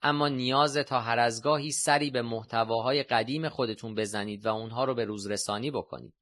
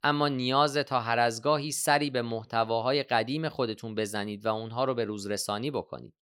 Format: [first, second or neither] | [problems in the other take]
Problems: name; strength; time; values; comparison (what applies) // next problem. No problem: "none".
second | garbled, watery; badly; nothing above 10.5 kHz